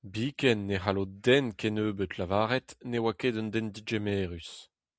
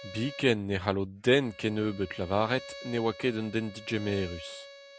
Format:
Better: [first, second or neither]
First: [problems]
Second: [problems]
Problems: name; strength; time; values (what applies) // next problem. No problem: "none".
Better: first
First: none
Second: background sound (Bowed string instrument); 17 dB below the speech